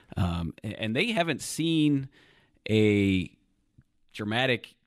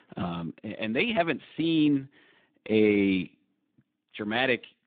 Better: first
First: none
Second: phone-call audio; nothing above 3.5 kHz

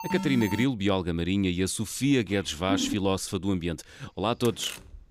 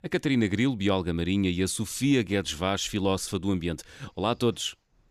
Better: second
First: alarm; noticeable; at the start; peak 5 dB below the speech // phone ringing; noticeable; at 2.5 s; peak 3 dB below the speech // door banging; faint; at 4.5 s; peak 10 dB below the speech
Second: none

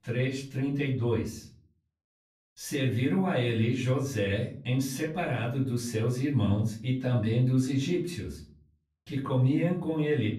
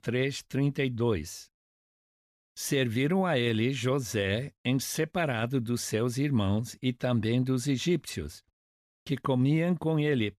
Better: second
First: off-mic speech; far // room echo; slight; dies away in 0.5 s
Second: none

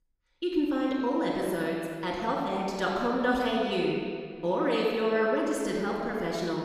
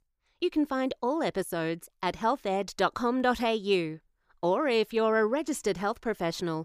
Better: second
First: off-mic speech; far // room echo; noticeable; dies away in 2 s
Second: none

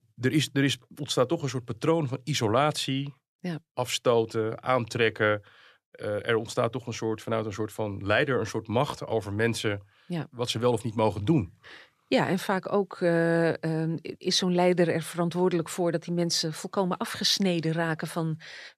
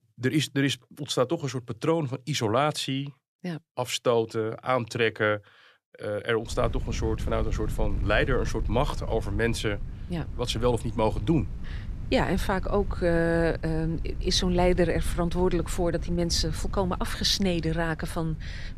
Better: first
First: none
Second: wind noise on the microphone; occasional gusts; from 6.5 s on; 20 dB below the speech

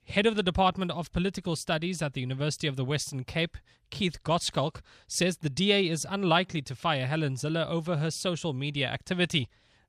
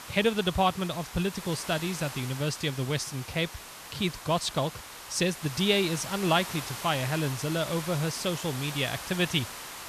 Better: first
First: none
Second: hiss; loud; throughout; 10 dB below the speech

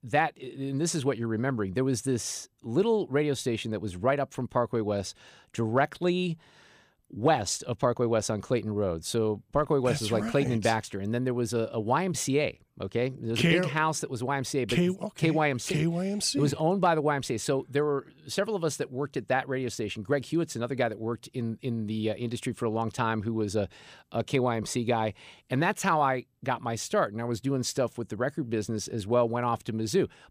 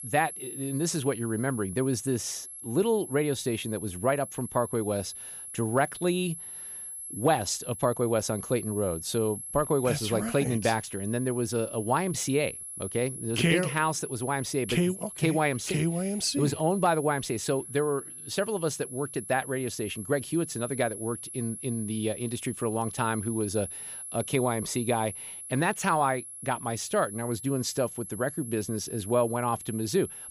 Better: first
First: none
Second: high-pitched whine; loud; throughout; 11 kHz, 9 dB below the speech

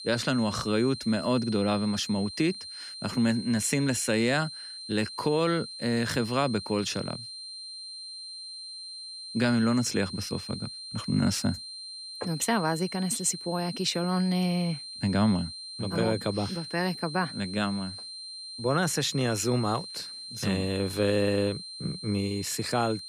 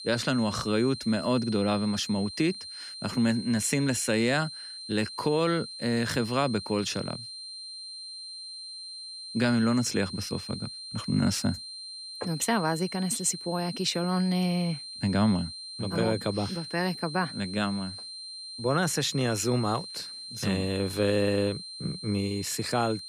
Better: neither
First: high-pitched whine; loud; throughout; 4 kHz, 10 dB below the speech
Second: high-pitched whine; loud; throughout; 4 kHz, 10 dB below the speech

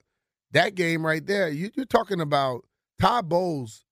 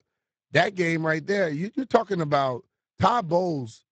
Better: first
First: none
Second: garbled, watery; badly; nothing above 8 kHz

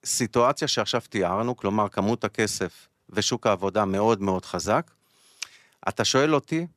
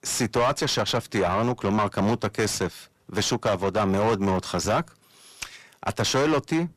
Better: first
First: none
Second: distortion; heavy; 6 dB below the speech

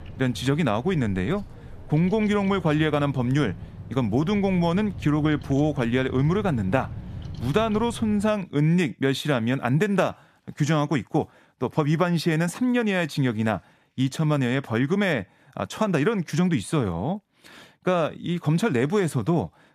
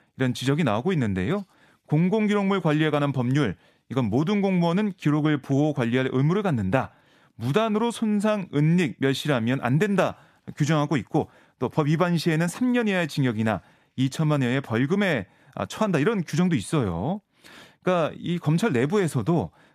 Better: second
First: animal sounds; noticeable; until 8 s; 15 dB below the speech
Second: none

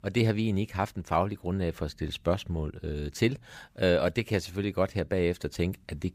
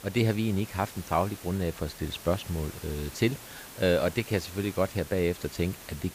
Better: first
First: none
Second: hiss; noticeable; throughout; 15 dB below the speech

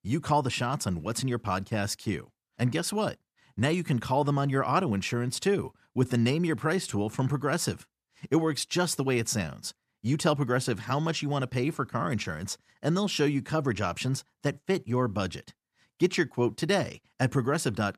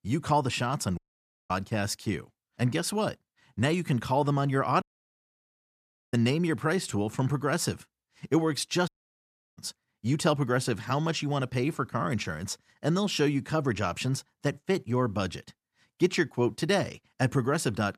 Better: first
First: none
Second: audio cutting out; at 1 s for 0.5 s, at 5 s for 1.5 s and at 9 s for 0.5 s

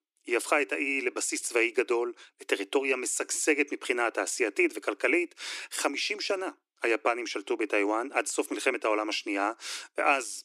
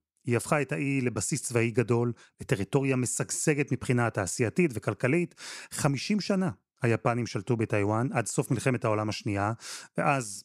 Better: second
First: thin; somewhat; fading below 300 Hz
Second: none

